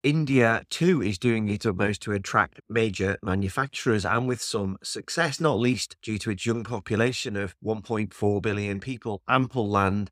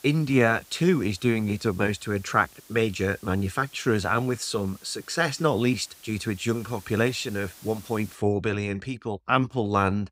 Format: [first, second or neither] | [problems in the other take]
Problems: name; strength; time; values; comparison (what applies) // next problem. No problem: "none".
first | hiss; faint; until 8 s; 25 dB below the speech